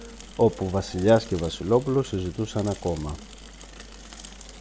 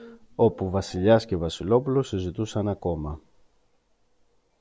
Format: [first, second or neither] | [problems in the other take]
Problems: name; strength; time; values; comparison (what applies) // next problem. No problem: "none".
second | background sound (Mechanisms / Bicycle); 17 dB below the speech